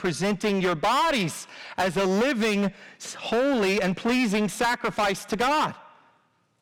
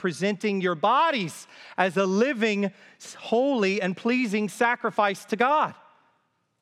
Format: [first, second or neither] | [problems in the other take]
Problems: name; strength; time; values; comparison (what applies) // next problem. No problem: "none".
second | distortion; heavy; 20% of the sound clipped